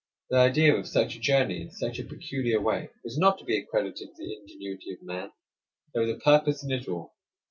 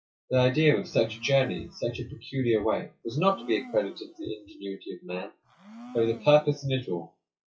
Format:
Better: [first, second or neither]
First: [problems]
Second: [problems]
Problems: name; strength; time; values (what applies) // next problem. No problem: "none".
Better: first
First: none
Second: noise reduction (classical method WPE with log-MMSE)